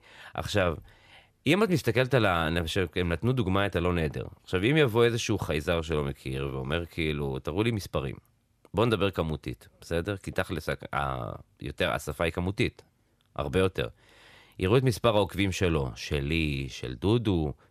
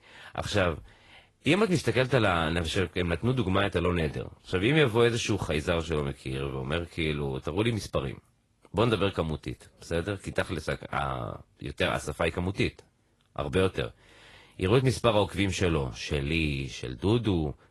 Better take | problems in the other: first | garbled, watery; slightly; nothing above 11.5 kHz

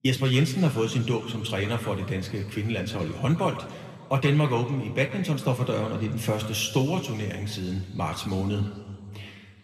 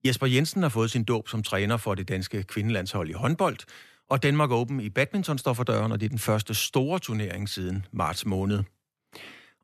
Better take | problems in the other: second | room echo; slight; dies away in 2.1 s

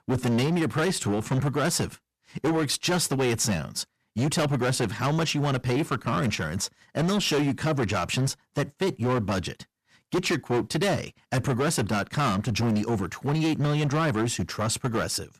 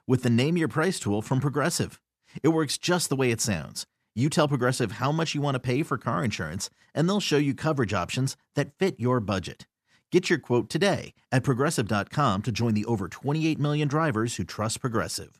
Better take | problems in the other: second | distortion; heavy; 17% of the sound clipped

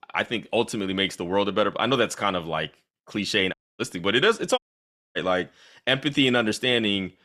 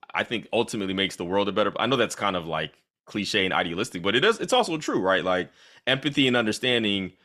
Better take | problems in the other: second | audio cutting out; at 3.5 s and at 4.5 s for 0.5 s

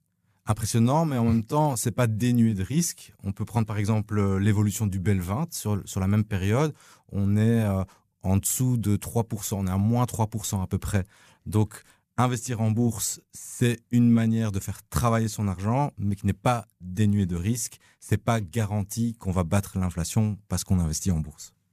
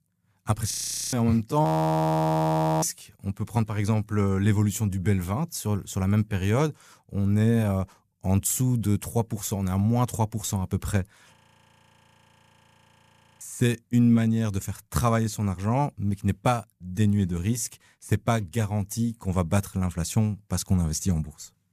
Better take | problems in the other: first | audio freezing; at 0.5 s, at 1.5 s for 1 s and at 11 s for 2 s

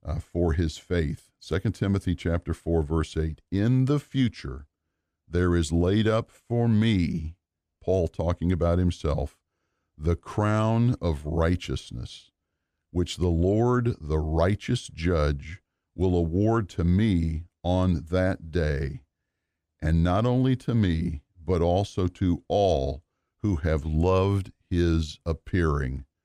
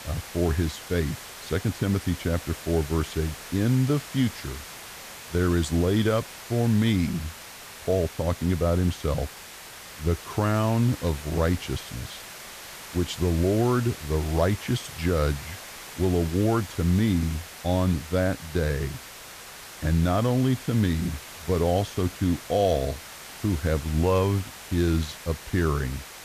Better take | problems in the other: first | hiss; noticeable; throughout; 15 dB below the speech

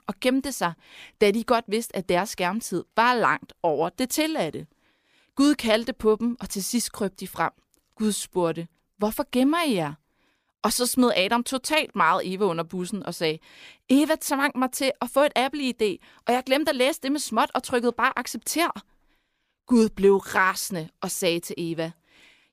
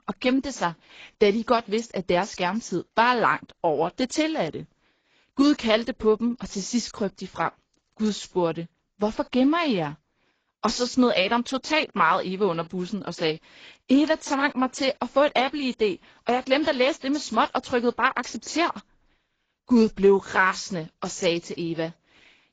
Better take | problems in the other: first | garbled, watery; badly; nothing above 7.5 kHz

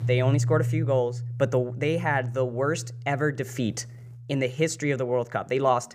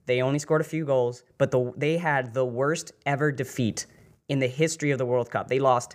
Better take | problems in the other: second | background music; loud; throughout; 5 dB below the speech

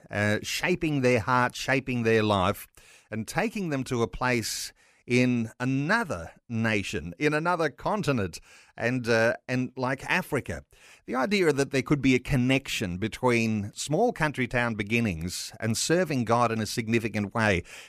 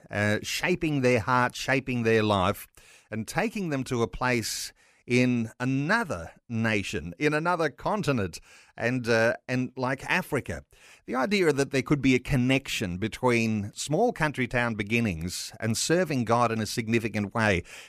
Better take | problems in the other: neither | none

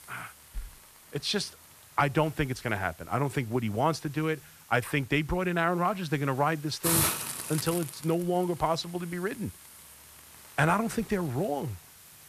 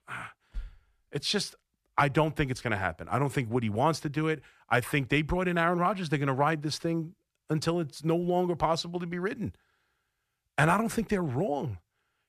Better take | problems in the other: second | hiss; loud; throughout; 3 dB below the speech

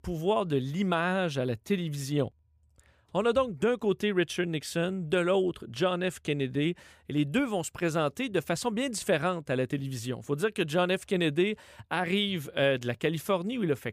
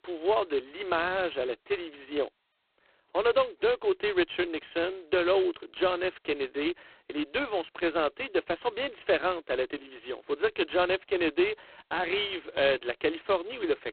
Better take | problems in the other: first | phone-call audio; poor line; nothing above 4 kHz

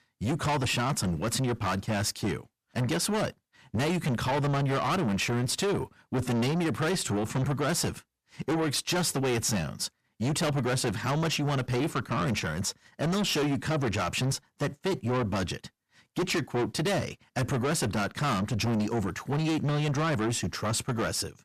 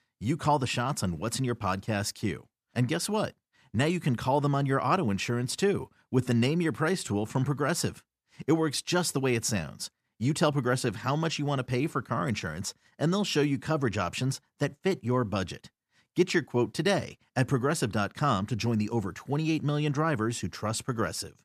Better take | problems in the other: second | distortion; heavy; 6 dB below the speech

